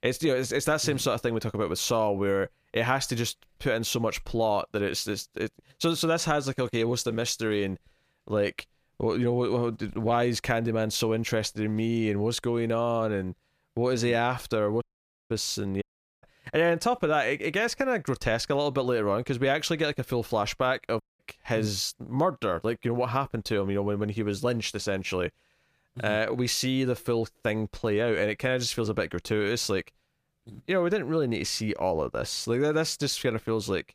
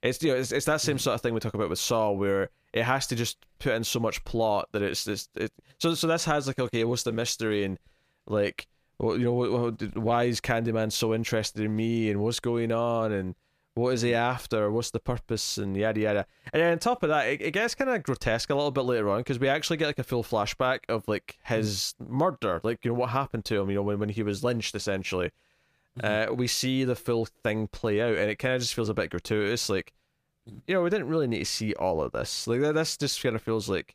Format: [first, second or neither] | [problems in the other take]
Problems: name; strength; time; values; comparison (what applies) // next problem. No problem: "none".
second | audio cutting out; at 15 s, at 16 s and at 21 s